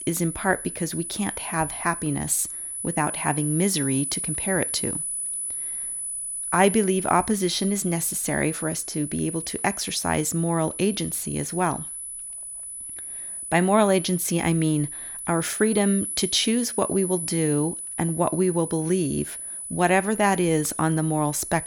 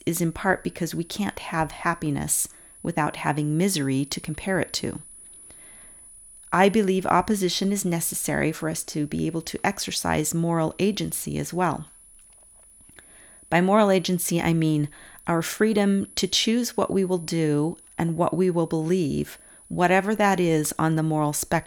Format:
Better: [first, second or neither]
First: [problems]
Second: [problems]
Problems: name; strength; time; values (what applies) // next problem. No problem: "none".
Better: second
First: high-pitched whine; loud; throughout; 10 kHz, 6 dB below the speech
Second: high-pitched whine; faint; throughout; 10 kHz, 25 dB below the speech